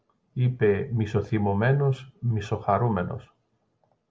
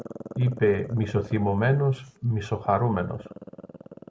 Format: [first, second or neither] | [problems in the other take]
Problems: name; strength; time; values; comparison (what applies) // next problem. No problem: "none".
first | background sound (Growling); 16 dB below the speech